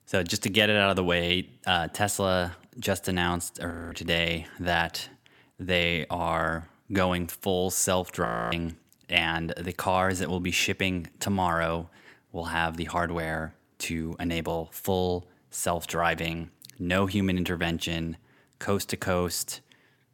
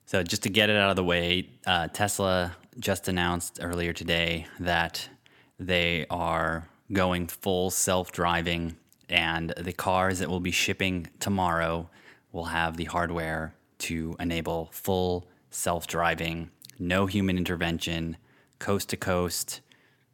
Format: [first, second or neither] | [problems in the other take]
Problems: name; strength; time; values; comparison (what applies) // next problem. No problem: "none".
second | audio freezing; at 3.5 s and at 8.5 s